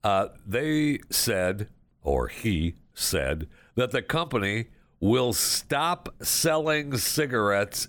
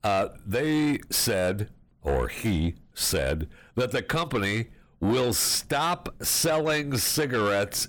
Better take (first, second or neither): first